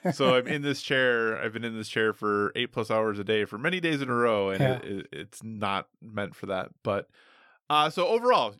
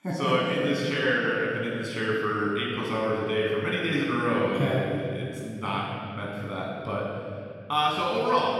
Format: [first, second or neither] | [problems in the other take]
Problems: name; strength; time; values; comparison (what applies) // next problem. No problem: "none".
first | off-mic speech; far // room echo; strong; dies away in 2.6 s